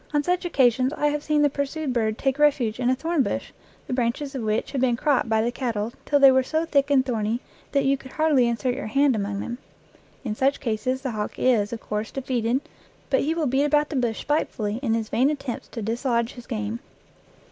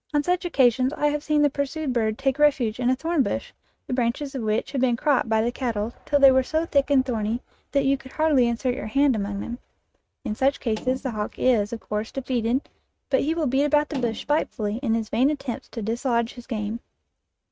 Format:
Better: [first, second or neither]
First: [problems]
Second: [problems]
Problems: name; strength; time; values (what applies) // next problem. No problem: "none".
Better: first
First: none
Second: noise reduction (neural mask model RNNoise)